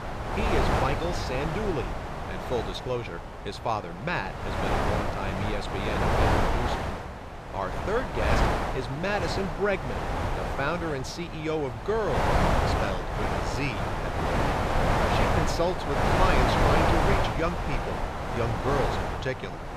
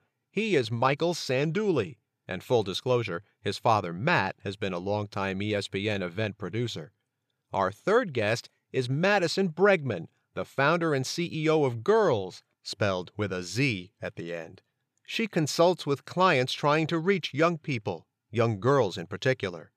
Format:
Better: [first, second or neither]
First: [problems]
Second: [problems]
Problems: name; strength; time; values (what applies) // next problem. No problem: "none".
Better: second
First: wind noise on the microphone; heavy; 4 dB above the speech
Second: none